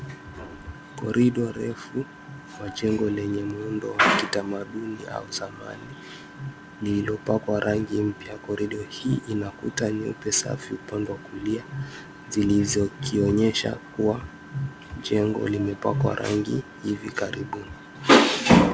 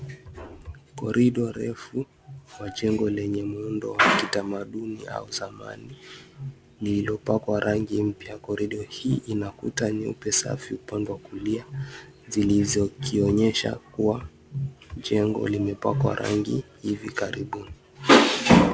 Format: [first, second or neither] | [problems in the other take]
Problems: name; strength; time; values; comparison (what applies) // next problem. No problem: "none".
second | background sound (Engine); 19 dB below the speech